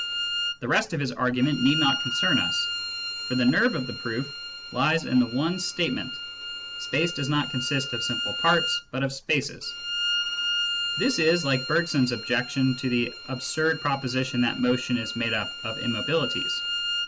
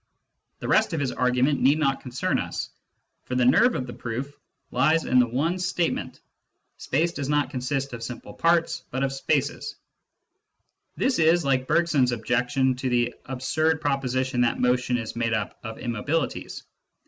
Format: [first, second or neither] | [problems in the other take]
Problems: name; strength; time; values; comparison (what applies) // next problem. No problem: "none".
second | background sound (Bowed string instrument); 5 dB below the speech